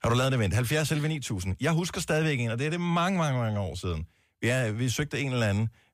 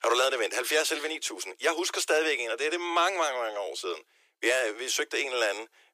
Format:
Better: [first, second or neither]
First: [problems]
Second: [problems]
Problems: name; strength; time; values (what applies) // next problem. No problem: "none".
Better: first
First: none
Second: thin; very; fading below 350 Hz